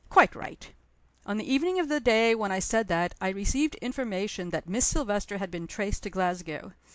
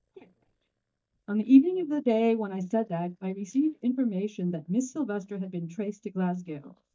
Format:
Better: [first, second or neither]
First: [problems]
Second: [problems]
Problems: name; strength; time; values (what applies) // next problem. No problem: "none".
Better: first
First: none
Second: noise reduction (neural mask model DeepFilterNet 3)